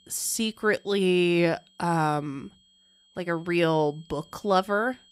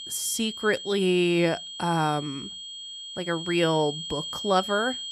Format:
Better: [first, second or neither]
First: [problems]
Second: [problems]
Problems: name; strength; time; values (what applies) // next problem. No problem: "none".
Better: first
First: high-pitched whine; faint; throughout; 3 kHz, 30 dB below the speech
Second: high-pitched whine; loud; throughout; 3 kHz, 8 dB below the speech